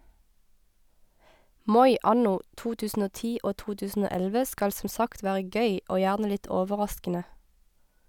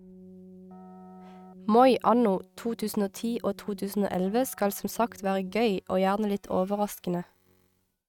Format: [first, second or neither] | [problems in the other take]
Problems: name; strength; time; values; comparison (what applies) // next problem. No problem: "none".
first | noise reduction (neural mask model RNNoise)